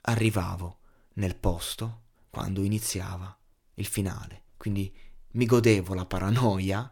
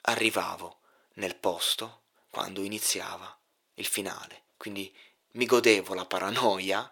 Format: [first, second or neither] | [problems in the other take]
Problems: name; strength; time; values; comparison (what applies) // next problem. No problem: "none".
first | thin; very; fading below 500 Hz